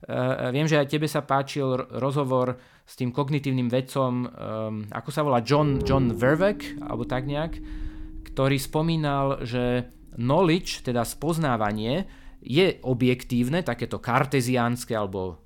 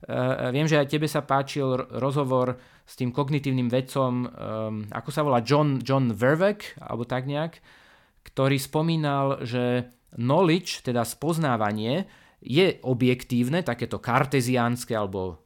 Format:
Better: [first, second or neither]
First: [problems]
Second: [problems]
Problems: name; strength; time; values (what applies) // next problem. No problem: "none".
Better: second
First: low rumble; noticeable; from 5.5 s on; 15 dB below the speech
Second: none